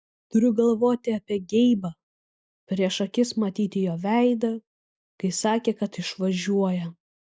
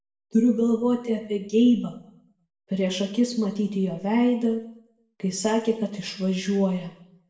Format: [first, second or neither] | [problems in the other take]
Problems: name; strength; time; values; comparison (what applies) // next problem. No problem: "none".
first | room echo; dies away in 0.6 s